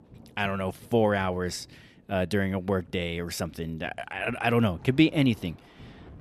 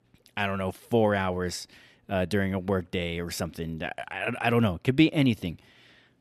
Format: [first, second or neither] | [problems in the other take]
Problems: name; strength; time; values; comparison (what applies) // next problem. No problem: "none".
second | rain or running water; faint; throughout; 25 dB below the speech